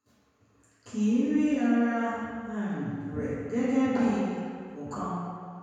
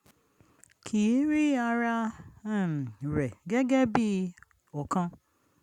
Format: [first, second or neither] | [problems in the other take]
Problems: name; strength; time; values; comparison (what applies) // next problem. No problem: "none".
second | room echo; dies away in 1.9 s